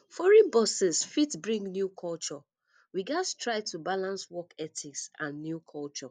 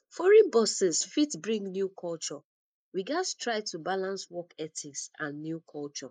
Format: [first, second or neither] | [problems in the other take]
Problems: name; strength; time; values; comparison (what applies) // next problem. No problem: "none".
first | noise reduction (neural mask model Resemble Enhance denoiser)